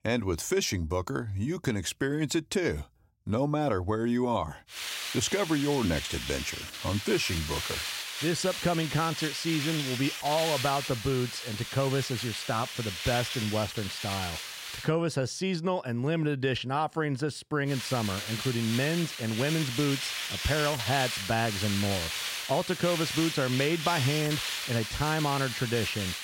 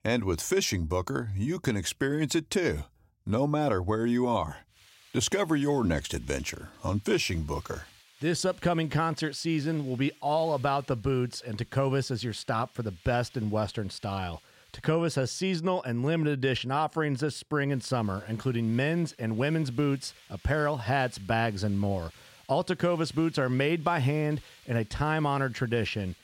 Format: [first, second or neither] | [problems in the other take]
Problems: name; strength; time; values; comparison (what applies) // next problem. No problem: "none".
second | hiss; loud; from 4.5 to 15 s and from 18 s on; 4 dB below the speech; faint in the second